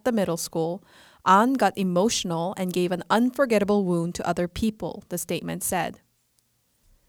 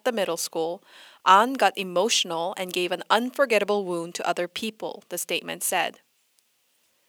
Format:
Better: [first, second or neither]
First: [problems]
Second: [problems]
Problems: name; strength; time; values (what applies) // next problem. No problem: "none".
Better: first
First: none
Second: thin; somewhat; fading below 400 Hz